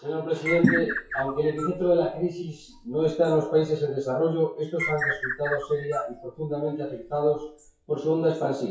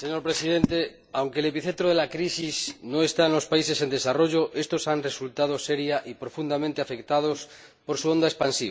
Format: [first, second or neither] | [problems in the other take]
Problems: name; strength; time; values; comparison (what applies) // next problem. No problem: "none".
second | noise reduction (classical method WPE with log-MMSE)